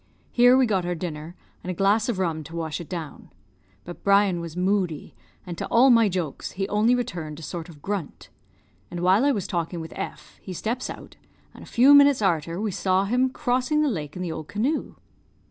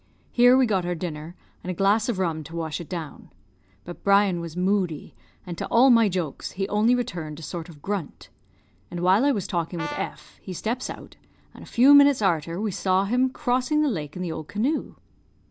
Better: first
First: none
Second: background sound (Brass instrument); 13 dB below the speech

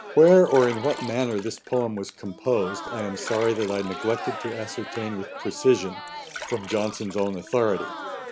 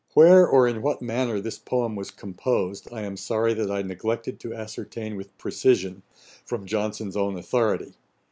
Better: second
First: background sound (Liquid + Crowd); 12 dB below the speech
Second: none

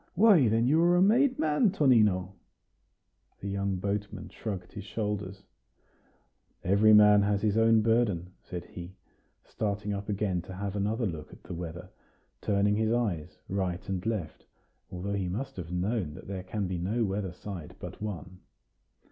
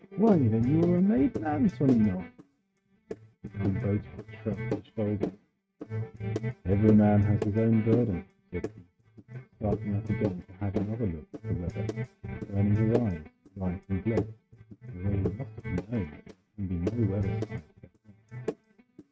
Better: first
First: none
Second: noise reduction (neural mask model RNNoise)

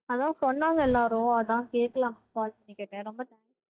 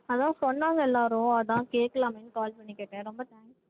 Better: second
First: noise reduction (neural mask model DeepFilterNet 3)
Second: none

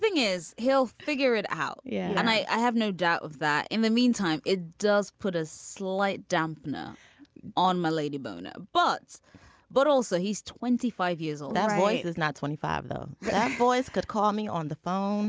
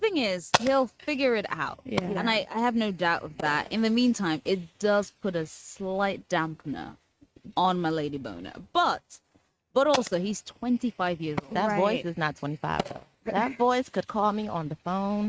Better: first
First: none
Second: noise reduction (neural mask model RNNoise)

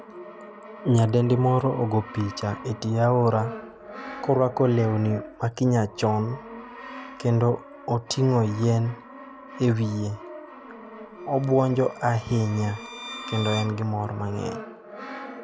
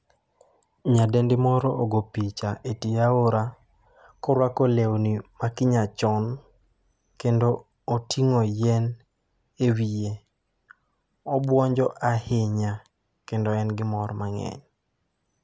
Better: second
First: background sound (Brass instrument + Bowed string instrument); 14 dB below the speech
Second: none

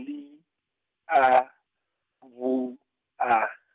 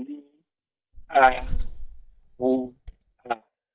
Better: first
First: none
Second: noise reduction (neural mask model DeepFilterNet 3)

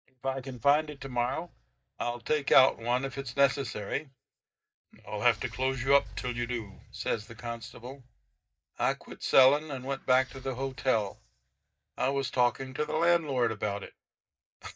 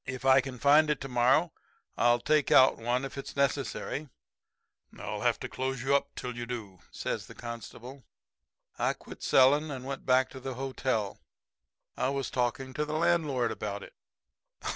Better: second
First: noise reduction (neural mask model DeepFilterNet 3)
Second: none

